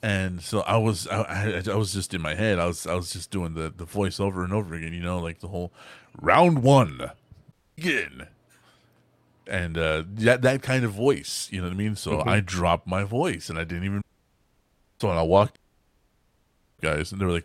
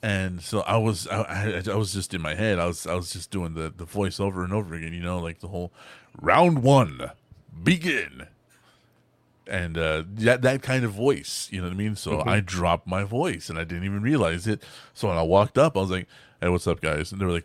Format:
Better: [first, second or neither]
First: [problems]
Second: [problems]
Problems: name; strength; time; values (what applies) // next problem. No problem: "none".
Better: second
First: audio cutting out; at 7.5 s, at 14 s for 1 s and at 16 s for 1 s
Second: none